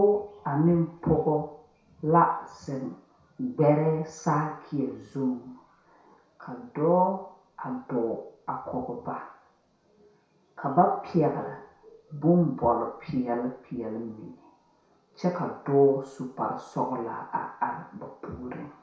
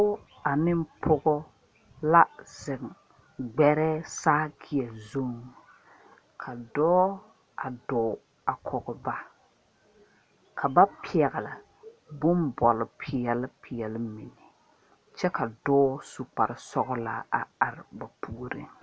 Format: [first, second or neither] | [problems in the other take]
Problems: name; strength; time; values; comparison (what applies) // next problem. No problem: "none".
second | room echo; dies away in 0.6 s